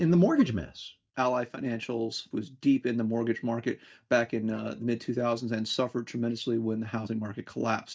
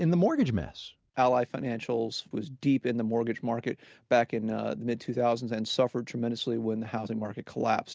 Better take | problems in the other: second | noise reduction (neural mask model DeepFilterNet 3)

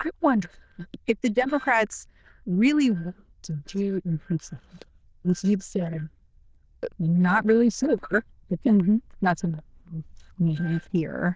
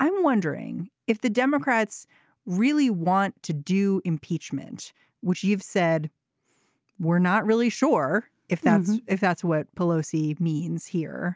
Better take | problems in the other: second | noise reduction (neural diffusion model UNIVERSE++)

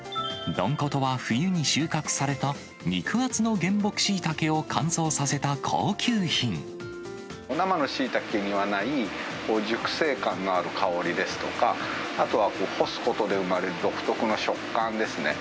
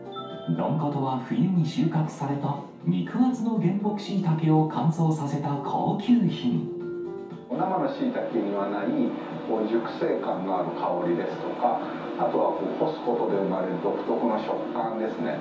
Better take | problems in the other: first | room echo; dies away in 0.6 s

